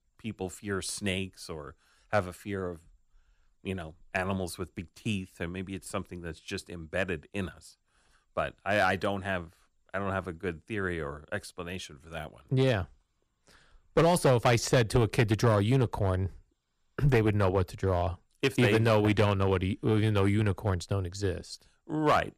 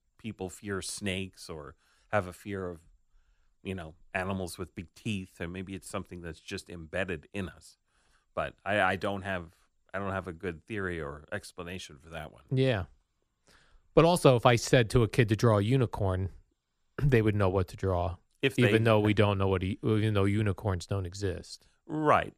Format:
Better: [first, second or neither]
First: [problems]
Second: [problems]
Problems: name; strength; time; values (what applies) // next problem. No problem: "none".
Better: second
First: distortion; slight; 1.9% of the sound clipped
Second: none